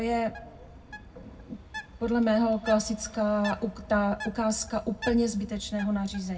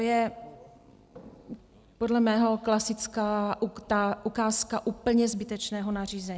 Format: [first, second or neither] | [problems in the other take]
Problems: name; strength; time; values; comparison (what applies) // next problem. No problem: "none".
second | background sound (Bird); 15 dB below the speech // room echo; dies away in 0.4 s